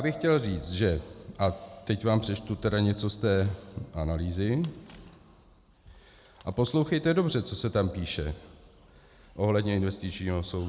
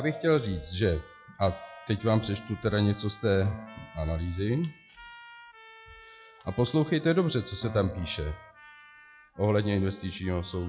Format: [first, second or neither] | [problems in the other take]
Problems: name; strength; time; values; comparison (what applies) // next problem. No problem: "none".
first | noise reduction (classical method log-MMSE)